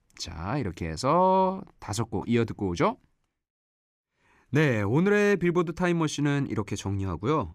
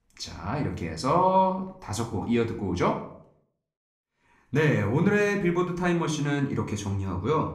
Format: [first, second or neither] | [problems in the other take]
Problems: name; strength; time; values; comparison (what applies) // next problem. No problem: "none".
first | room echo; slight; dies away in 0.4 s // off-mic speech; somewhat distant